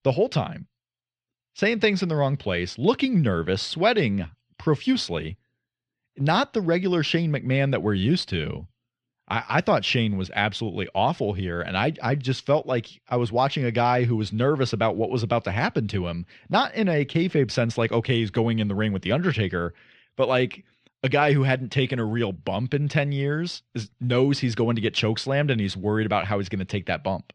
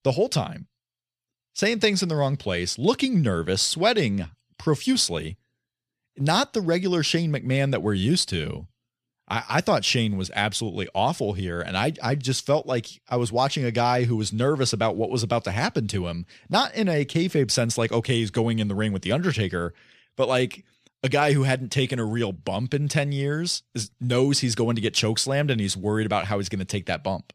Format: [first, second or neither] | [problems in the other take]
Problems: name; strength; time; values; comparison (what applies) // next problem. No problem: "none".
second | muffled; slightly; fading above 3 kHz